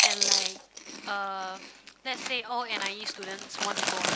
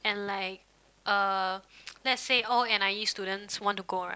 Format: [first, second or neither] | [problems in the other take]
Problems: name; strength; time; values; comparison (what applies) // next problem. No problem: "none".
second | background sound (Chewing, mastication); 5 dB above the speech